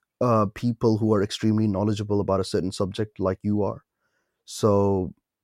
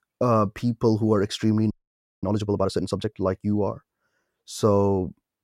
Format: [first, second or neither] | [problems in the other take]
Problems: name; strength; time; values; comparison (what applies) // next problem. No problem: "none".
first | audio freezing; at 1.5 s for 0.5 s